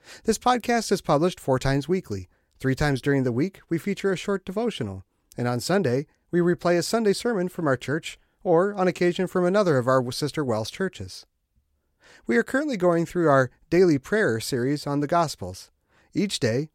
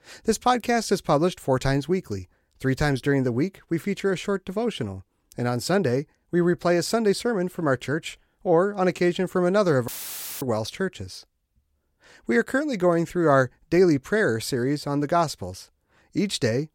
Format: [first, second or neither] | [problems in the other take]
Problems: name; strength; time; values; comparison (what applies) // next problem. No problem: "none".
first | audio cutting out; filled with static; at 10 s for 0.5 s